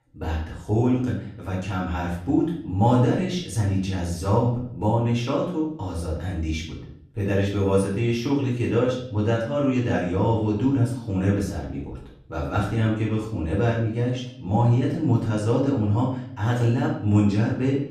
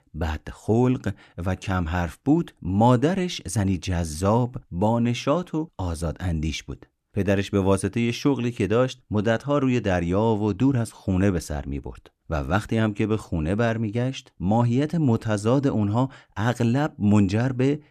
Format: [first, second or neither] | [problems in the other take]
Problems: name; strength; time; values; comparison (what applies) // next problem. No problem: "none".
second | off-mic speech; far // room echo; noticeable; dies away in 0.6 s